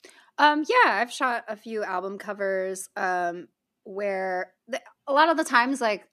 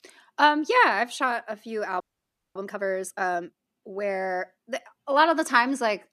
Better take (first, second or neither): first